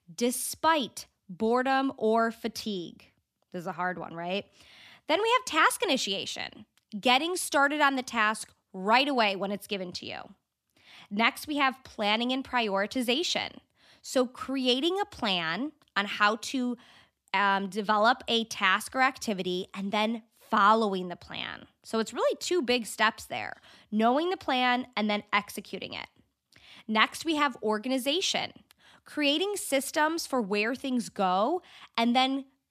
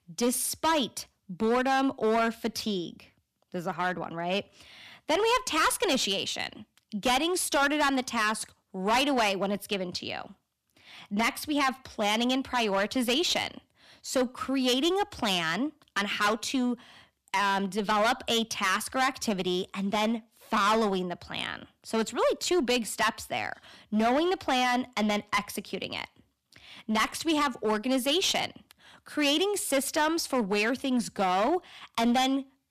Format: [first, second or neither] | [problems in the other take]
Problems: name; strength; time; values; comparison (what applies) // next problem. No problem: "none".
first | distortion; heavy; 9% of the sound clipped